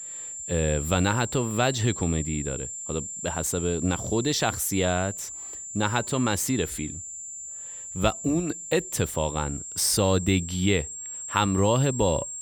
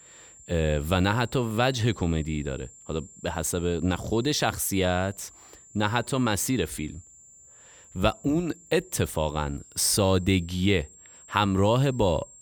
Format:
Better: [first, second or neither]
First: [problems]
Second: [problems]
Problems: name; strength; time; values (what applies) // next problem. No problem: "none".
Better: second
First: high-pitched whine; loud; throughout; 7.5 kHz, 8 dB below the speech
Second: high-pitched whine; faint; throughout; 7.5 kHz, 20 dB below the speech